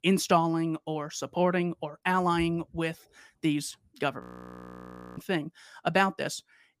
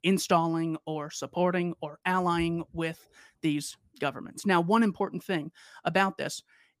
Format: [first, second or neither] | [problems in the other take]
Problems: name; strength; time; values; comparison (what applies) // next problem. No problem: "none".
second | audio freezing; at 4 s for 1 s